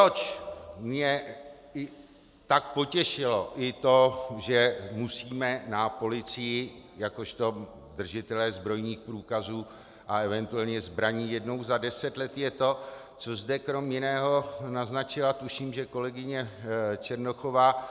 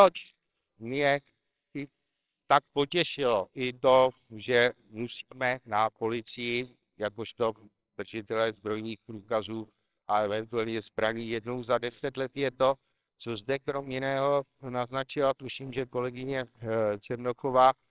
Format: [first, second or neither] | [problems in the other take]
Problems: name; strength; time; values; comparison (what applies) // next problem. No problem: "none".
first | noise reduction (neural separator model SepFormer WHAMR!)